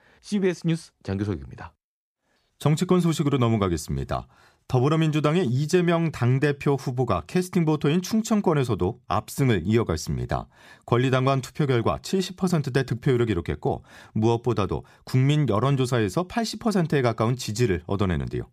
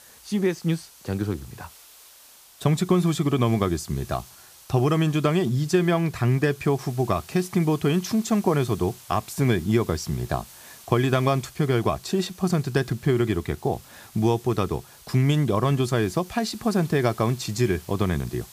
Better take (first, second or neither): first